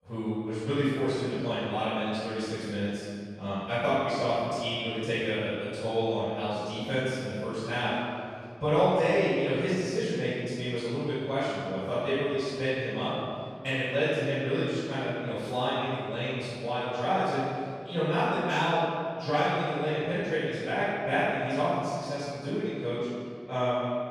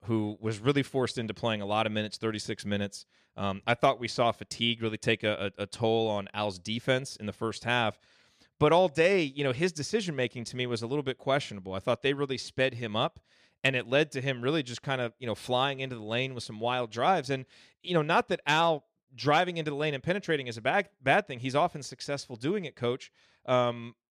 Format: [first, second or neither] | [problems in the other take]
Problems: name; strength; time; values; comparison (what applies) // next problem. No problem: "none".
second | off-mic speech; far // room echo; strong; dies away in 2 s